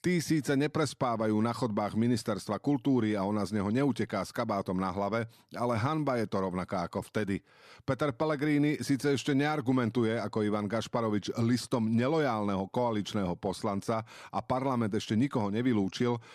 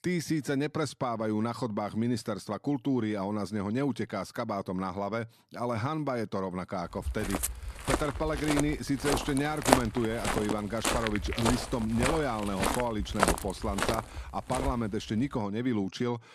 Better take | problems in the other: first | footsteps; loud; from 7 to 15 s; peak 6 dB above the speech

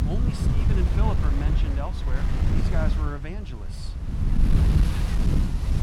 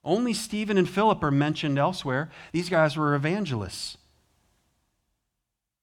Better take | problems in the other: second | wind noise on the microphone; heavy; 1 dB above the speech

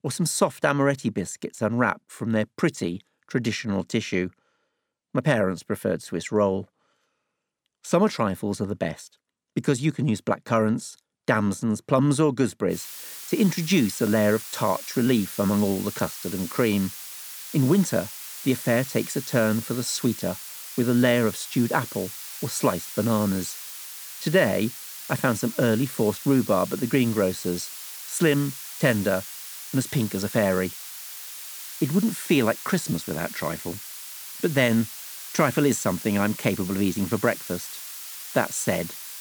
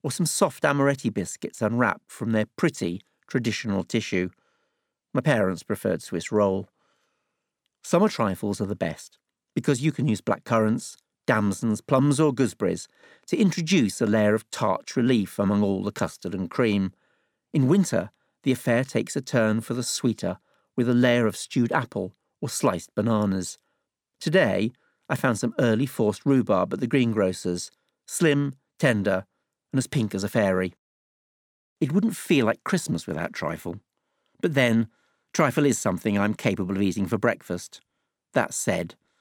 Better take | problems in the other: second | hiss; noticeable; from 13 s on; 10 dB below the speech

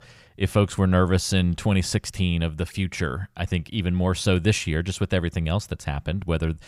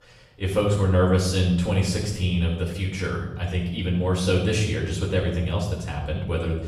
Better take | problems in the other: first | off-mic speech; far // room echo; noticeable; dies away in 0.8 s

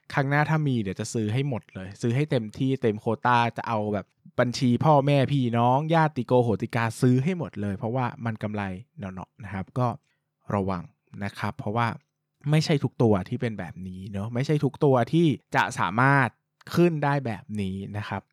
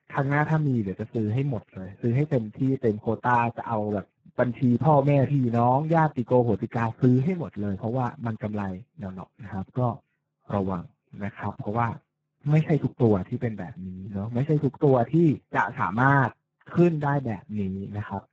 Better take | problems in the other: first | garbled, watery; badly

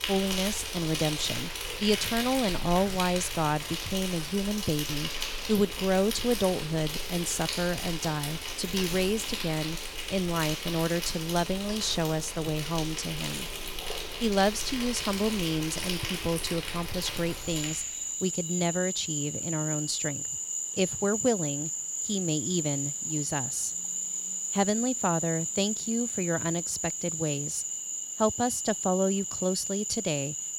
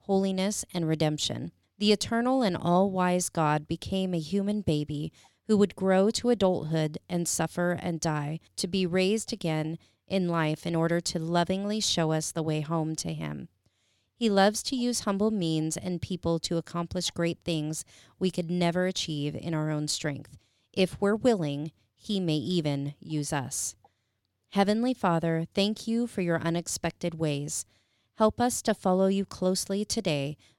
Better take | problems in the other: second | animal sounds; loud; throughout; 2 dB below the speech

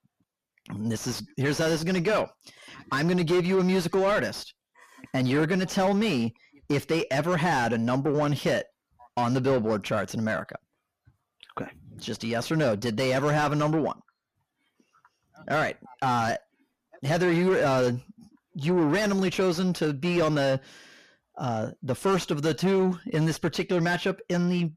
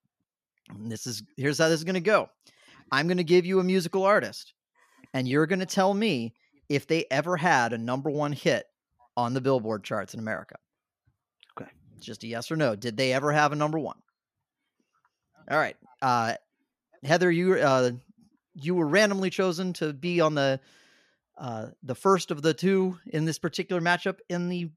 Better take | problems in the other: second | distortion; heavy; 6 dB below the speech

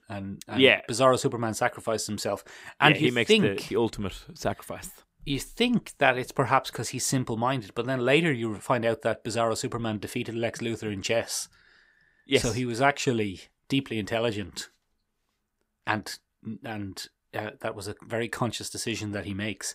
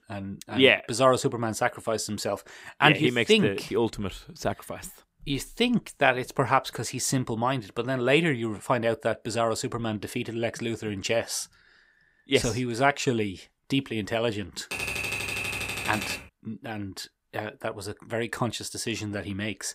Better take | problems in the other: first | keyboard typing; noticeable; from 15 to 16 s; peak 2 dB below the speech

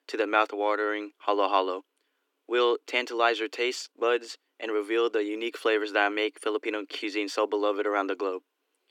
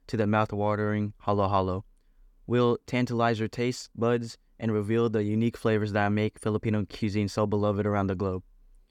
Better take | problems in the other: second | thin; very; fading below 300 Hz

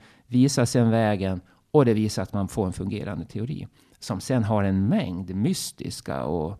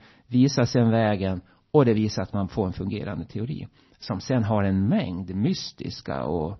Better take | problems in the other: first | garbled, watery; slightly; nothing above 6 kHz

